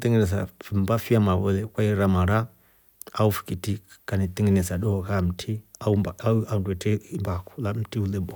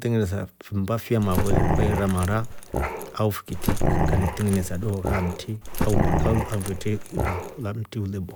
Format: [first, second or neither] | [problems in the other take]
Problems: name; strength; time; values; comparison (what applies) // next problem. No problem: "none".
first | background sound (Growling); 2 dB above the speech